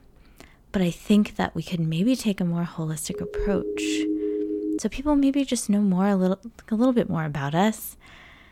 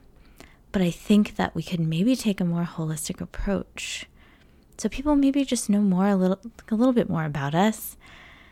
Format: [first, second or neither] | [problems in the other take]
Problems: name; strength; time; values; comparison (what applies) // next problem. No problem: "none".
second | siren; noticeable; from 3 to 5 s; peak 1 dB below the speech